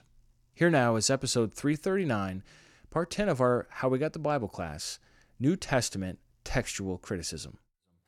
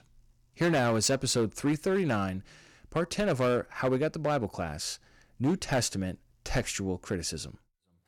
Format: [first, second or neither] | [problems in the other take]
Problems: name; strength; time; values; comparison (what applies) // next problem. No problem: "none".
first | distortion; slight; 6% of the sound clipped